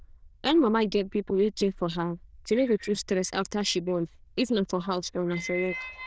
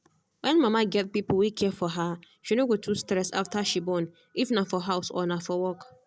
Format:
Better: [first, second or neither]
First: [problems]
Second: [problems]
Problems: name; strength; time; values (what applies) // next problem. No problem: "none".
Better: second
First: noise reduction (neural diffusion model UNIVERSE++)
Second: none